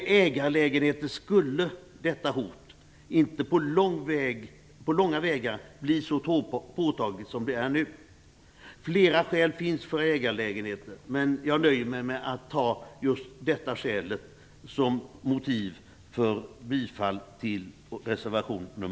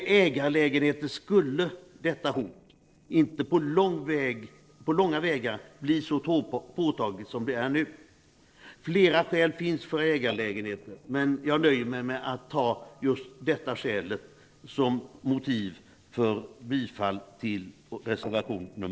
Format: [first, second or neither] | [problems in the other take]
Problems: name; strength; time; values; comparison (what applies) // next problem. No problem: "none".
first | noise reduction (neural separator model SepFormer DNS4)